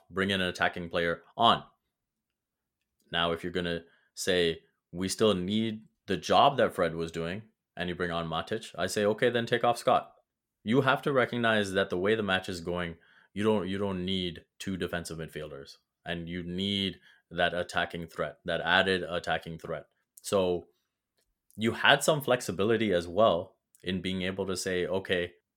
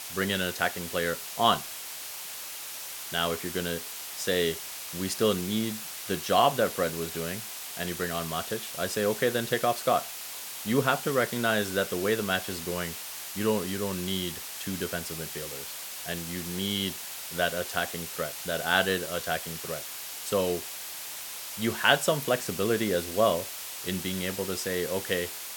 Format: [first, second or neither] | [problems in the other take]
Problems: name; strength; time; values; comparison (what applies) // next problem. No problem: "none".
first | hiss; loud; throughout; 7 dB below the speech